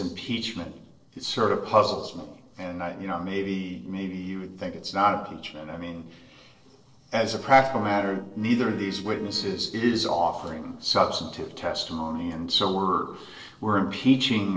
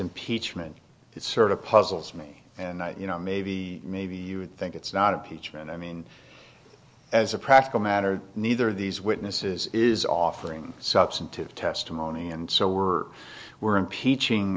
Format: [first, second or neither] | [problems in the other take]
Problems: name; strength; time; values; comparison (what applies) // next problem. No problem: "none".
second | noise reduction (neural separator model SepFormer DNS4)